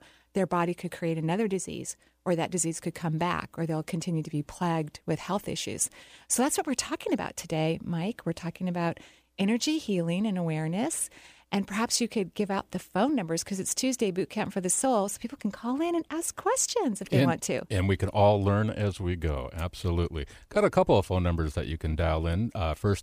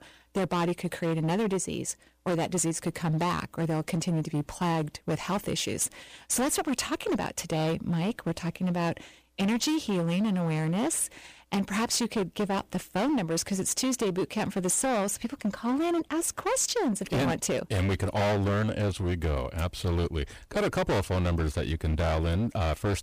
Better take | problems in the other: first | distortion; heavy; 18% of the sound clipped

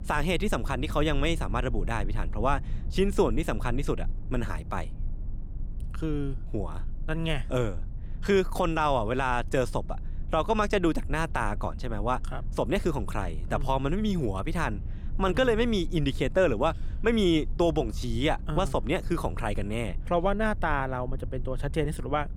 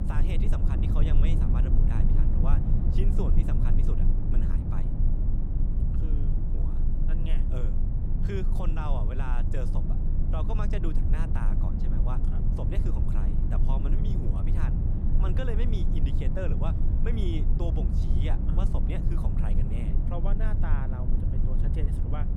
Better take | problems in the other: first | low rumble; loud; throughout; 1 dB below the speech; faint in the first

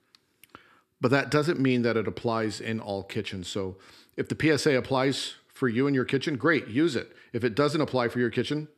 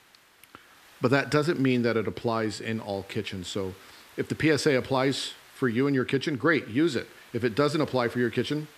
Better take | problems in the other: first | hiss; faint; throughout; 25 dB below the speech

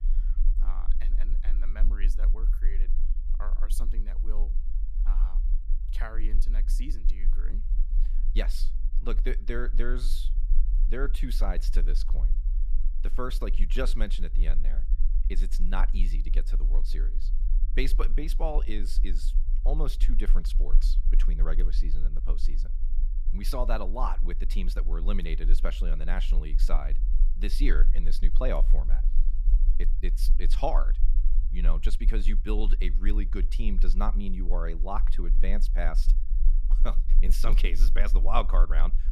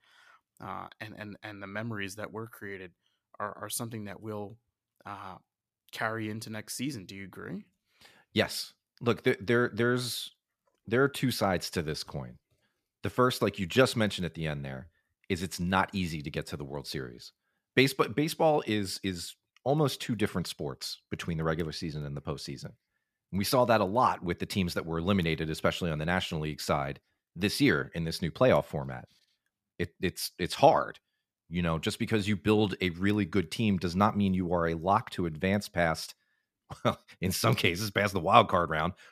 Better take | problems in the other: second | low rumble; noticeable; throughout; 20 dB below the speech

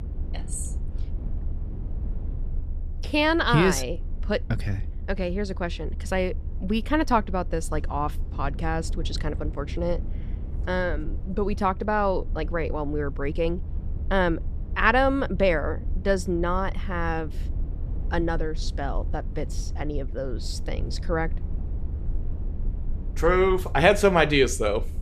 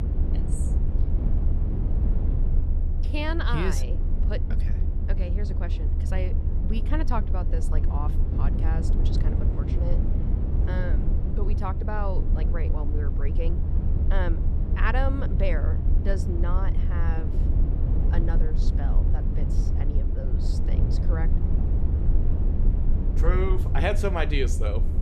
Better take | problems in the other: first | low rumble; loud; throughout; 6 dB below the speech; faint in the first

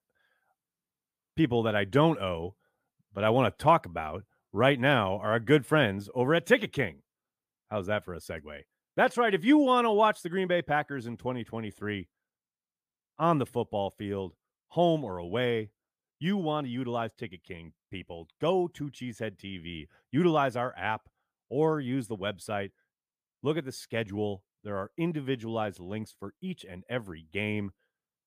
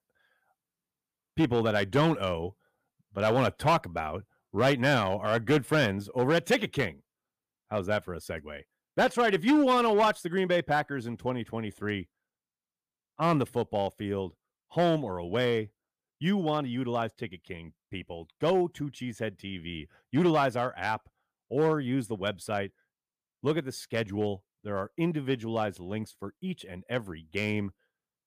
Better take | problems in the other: first | distortion; slight; 3% of the sound clipped

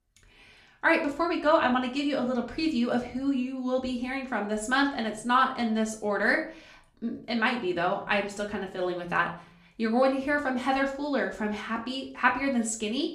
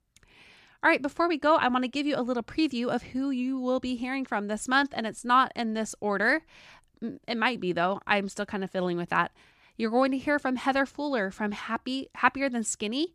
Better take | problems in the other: second | room echo; slight; dies away in 0.4 s // off-mic speech; somewhat distant

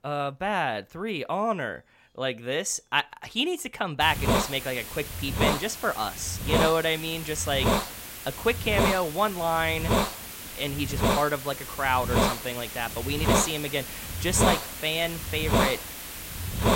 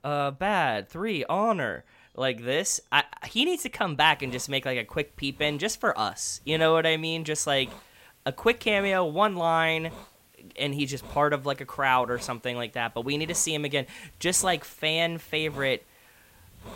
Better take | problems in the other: second | hiss; loud; from 4 s on; 1 dB below the speech; faint in the second

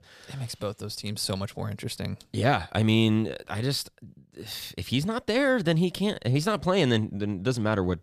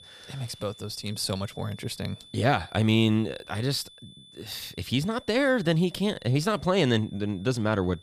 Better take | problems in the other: first | high-pitched whine; faint; throughout; 3.5 kHz, 20 dB below the speech

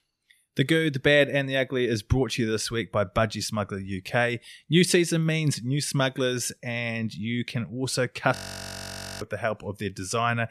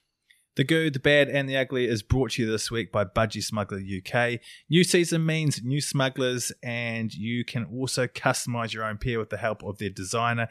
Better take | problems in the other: second | audio freezing; at 8.5 s for 1 s

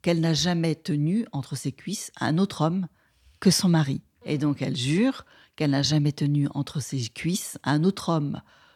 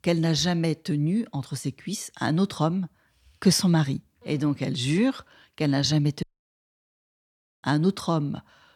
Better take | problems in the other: first | audio cutting out; at 6 s for 1.5 s

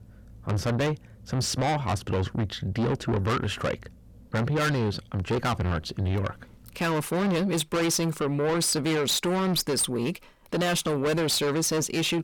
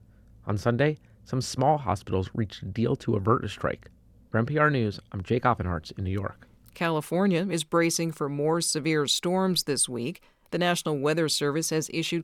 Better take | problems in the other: second | distortion; heavy; 6 dB below the speech

